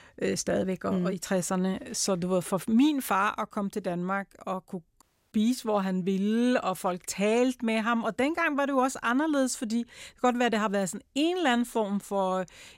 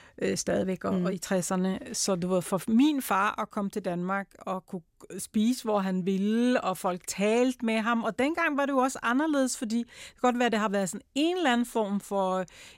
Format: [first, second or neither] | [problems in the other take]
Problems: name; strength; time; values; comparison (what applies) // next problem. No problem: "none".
second | audio cutting out; at 5 s